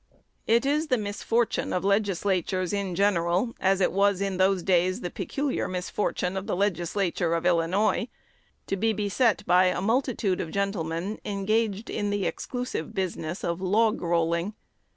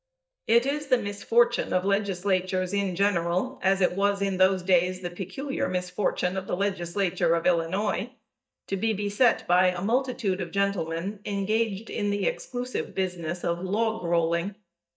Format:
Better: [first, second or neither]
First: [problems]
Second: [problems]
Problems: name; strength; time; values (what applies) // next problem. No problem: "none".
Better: first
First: none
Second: noise reduction (neural mask model DeepFilterNet 3)